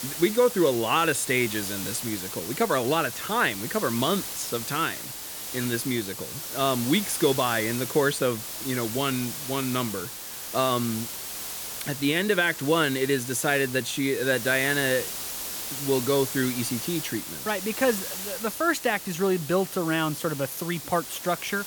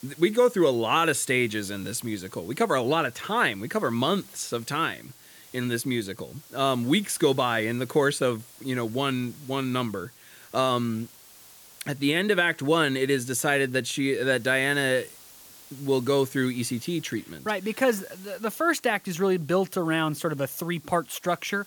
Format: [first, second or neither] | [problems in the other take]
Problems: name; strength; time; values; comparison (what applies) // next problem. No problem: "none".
second | hiss; loud; throughout; 7 dB below the speech; faint in the second